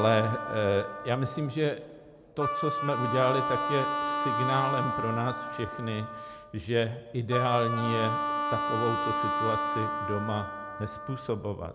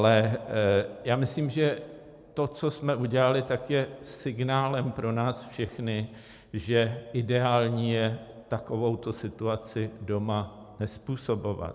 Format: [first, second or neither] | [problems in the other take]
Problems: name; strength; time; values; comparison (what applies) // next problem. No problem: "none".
second | background sound (Wind instrument, woodwind instrument); 2 dB below the speech